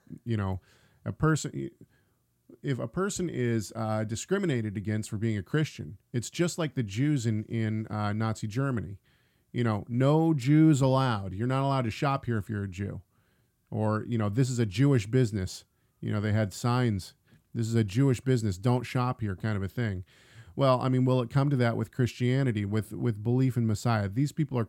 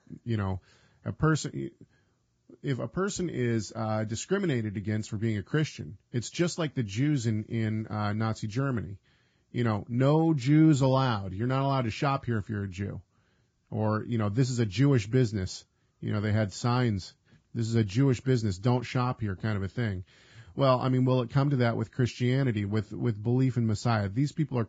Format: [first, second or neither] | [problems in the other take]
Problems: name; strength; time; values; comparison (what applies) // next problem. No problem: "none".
first | garbled, watery; badly; nothing above 7.5 kHz